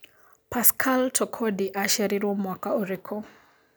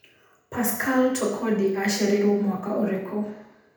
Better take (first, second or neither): first